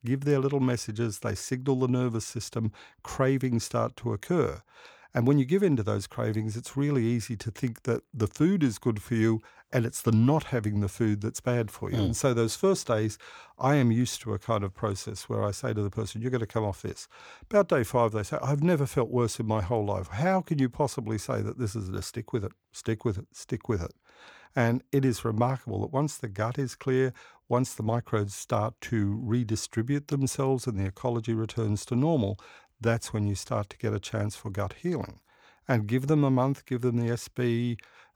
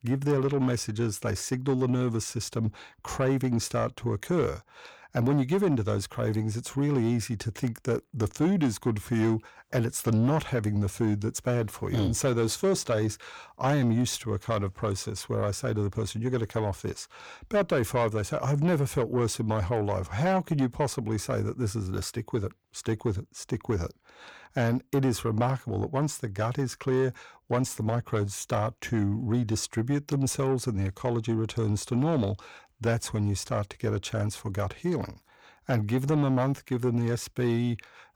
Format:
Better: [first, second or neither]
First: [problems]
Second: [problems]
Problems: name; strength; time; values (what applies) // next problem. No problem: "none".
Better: first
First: none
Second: distortion; slight; 10 dB below the speech